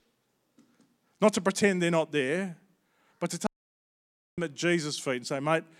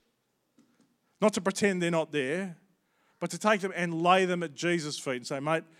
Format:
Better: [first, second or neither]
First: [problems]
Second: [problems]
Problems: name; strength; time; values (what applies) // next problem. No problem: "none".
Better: second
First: audio cutting out; at 3.5 s for 1 s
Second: none